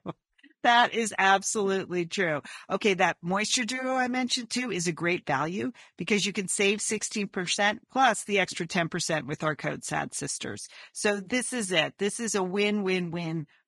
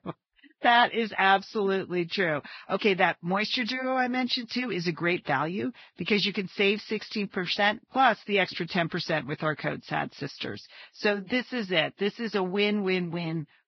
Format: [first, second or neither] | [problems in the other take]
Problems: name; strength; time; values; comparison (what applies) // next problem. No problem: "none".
first | garbled, watery; badly; nothing above 5.5 kHz; slightly in the first